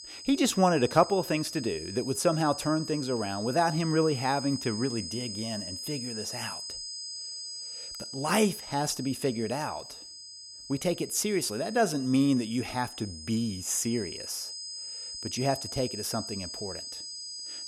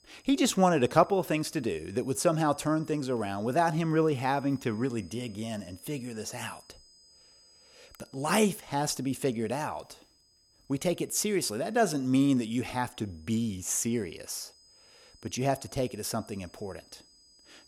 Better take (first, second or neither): second